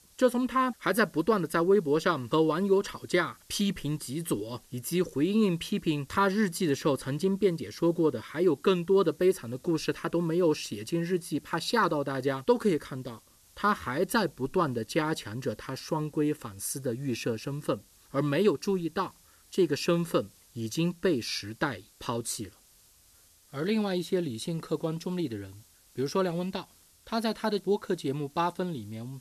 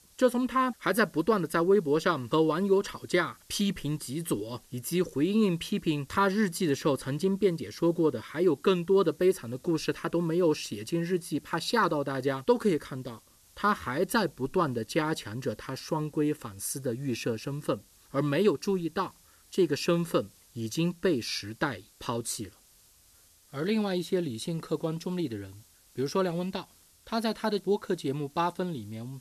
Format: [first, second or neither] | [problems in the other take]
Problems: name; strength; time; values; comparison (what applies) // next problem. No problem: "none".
neither | hiss; faint; throughout; 30 dB below the speech; the same in both